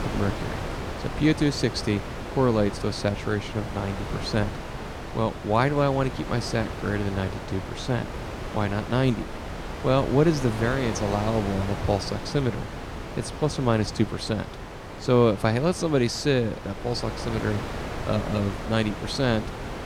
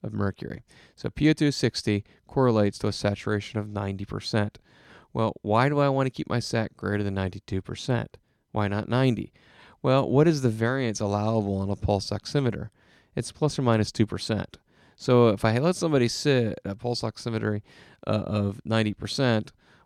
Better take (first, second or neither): second